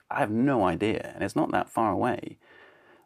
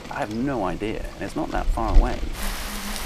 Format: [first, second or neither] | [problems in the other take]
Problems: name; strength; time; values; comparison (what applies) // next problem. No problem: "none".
first | rain or running water; loud; throughout; 2 dB below the speech